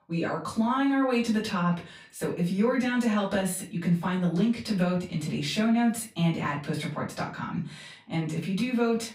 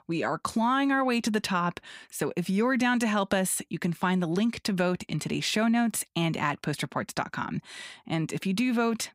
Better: second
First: room echo; slight; dies away in 0.3 s // off-mic speech; far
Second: none

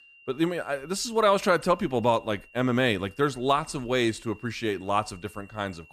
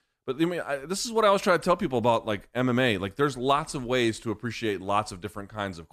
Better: second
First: high-pitched whine; faint; throughout; 3 kHz, 25 dB below the speech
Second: none

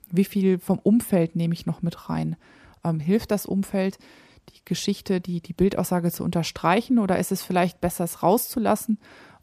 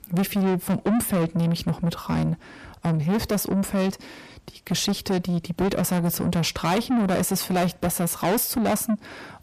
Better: first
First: none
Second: distortion; heavy; 6 dB below the speech

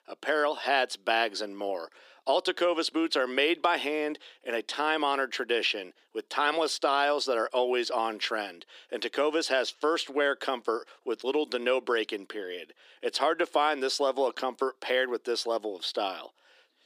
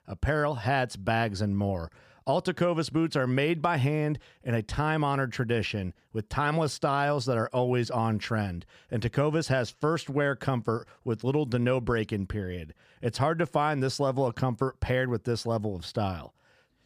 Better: second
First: thin; very; fading below 300 Hz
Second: none

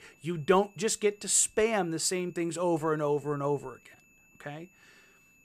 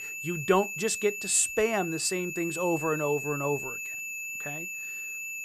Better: first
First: high-pitched whine; faint; throughout; 2.5 kHz, 30 dB below the speech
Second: high-pitched whine; loud; throughout; 2.5 kHz, 6 dB below the speech

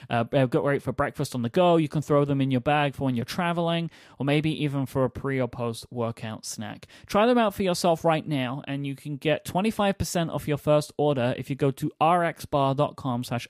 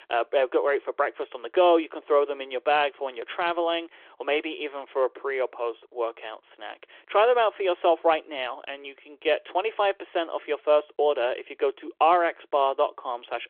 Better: first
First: none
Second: phone-call audio; nothing above 3.5 kHz

